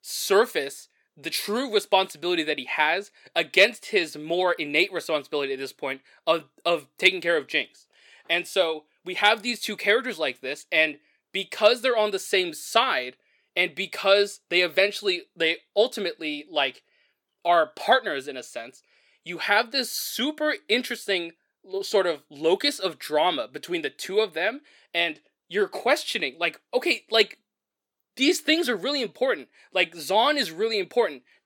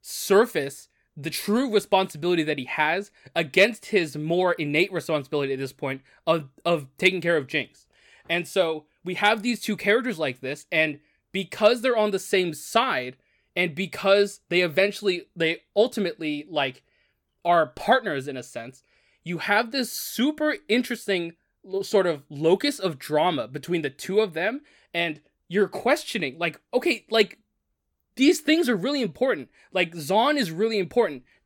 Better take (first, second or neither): second